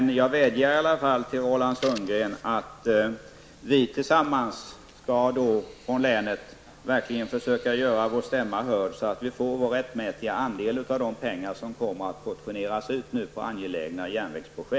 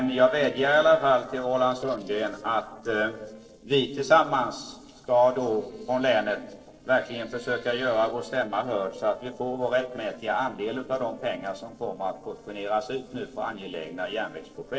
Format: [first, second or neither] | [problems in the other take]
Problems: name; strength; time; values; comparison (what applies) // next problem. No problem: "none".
first | noise reduction (neural separator model SepFormer DNS4)